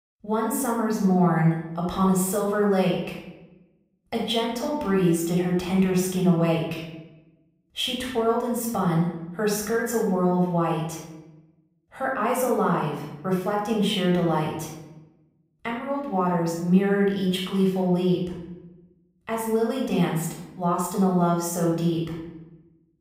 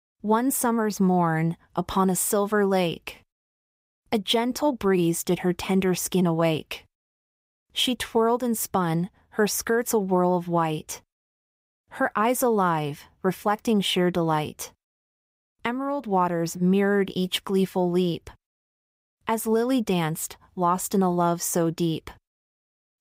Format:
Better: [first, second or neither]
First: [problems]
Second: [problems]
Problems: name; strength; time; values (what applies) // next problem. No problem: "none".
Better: second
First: room echo; noticeable; dies away in 0.8 s // off-mic speech; far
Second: none